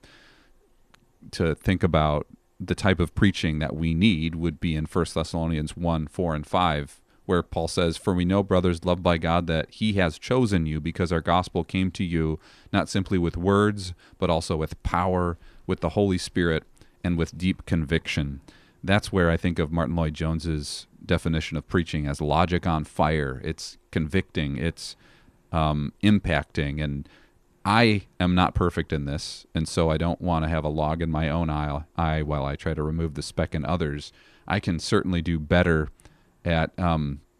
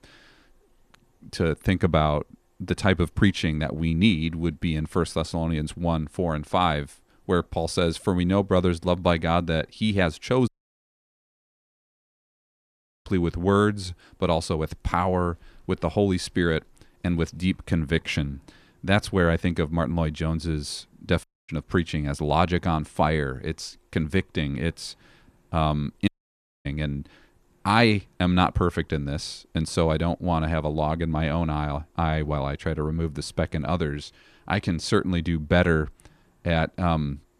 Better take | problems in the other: first | audio cutting out; at 10 s for 2.5 s, at 21 s and at 26 s for 0.5 s

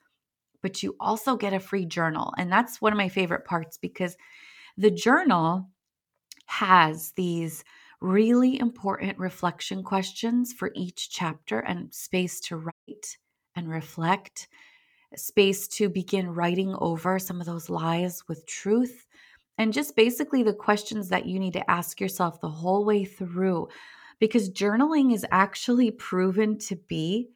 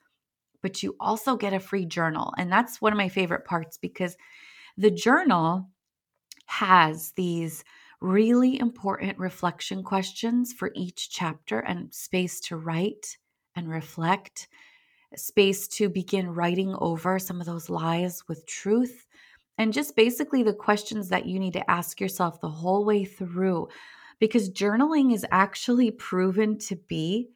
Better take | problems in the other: second | audio cutting out; at 13 s

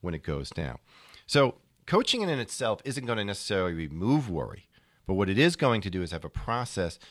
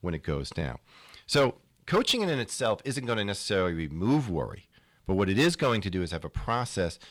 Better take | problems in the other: first | distortion; slight; 2% of the sound clipped

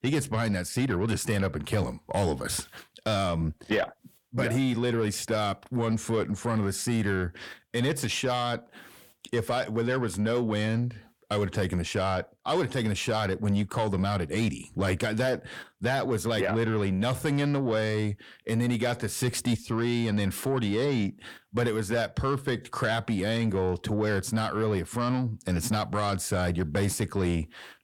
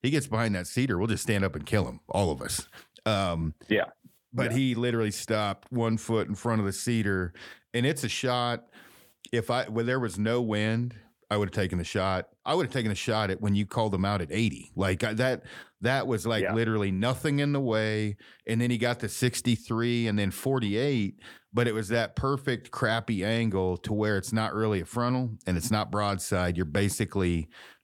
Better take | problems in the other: second | distortion; slight; 10 dB below the speech

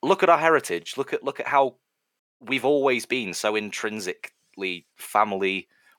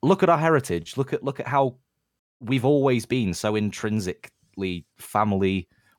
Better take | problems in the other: second | thin; somewhat; fading below 400 Hz

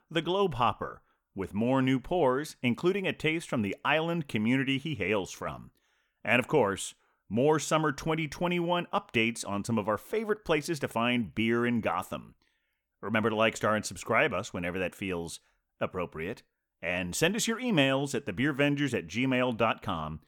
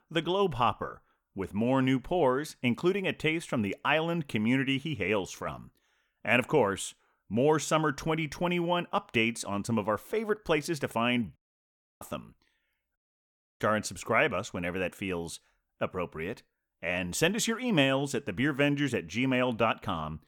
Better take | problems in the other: first | audio cutting out; at 11 s for 0.5 s and at 13 s for 0.5 s

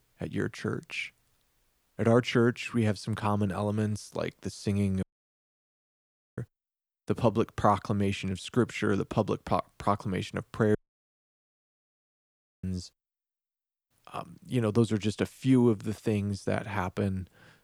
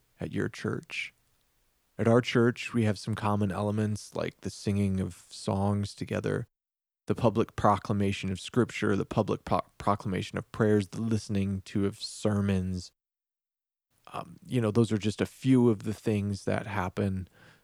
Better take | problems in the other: second | audio cutting out; at 5 s for 1.5 s and at 11 s for 2 s

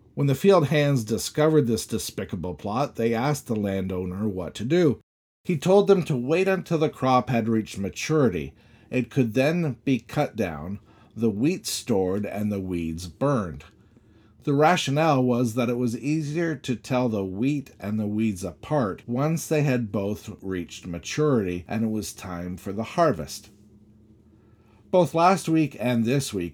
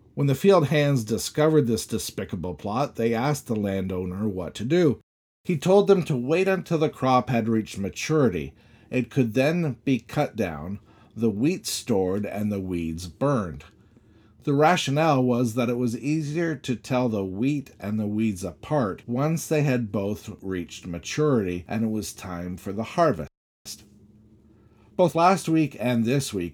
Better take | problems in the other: first | audio freezing; at 23 s

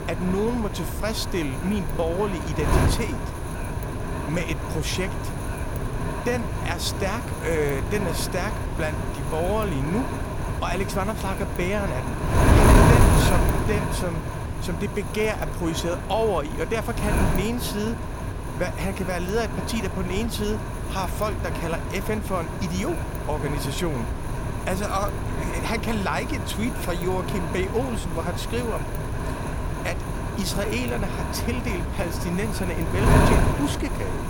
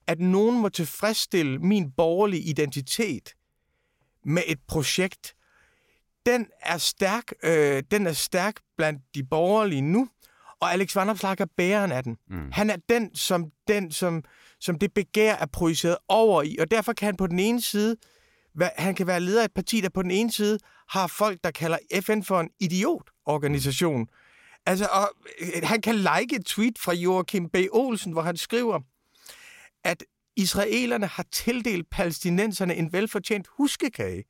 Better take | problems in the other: second | wind noise on the microphone; heavy; 1 dB below the speech

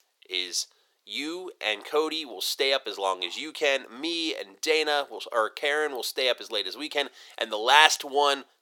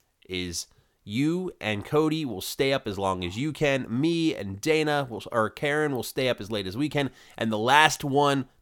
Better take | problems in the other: second | thin; very; fading below 400 Hz

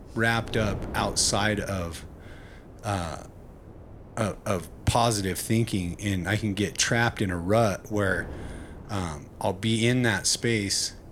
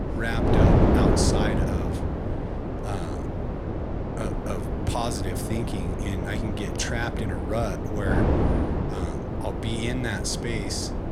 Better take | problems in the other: first | wind noise on the microphone; heavy; 2 dB above the speech; occasional gusts in the first

